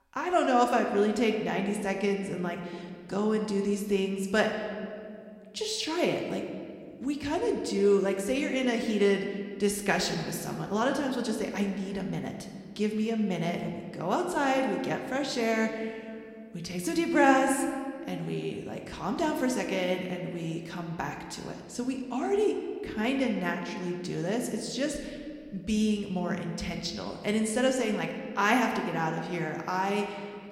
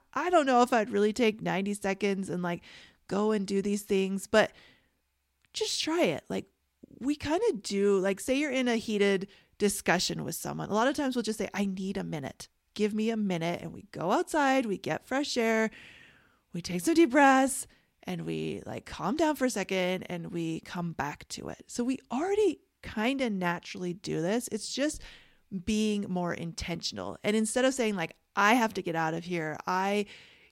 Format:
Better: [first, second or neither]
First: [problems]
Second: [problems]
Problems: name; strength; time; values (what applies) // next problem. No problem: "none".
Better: second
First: room echo; slight; dies away in 1.7 s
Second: none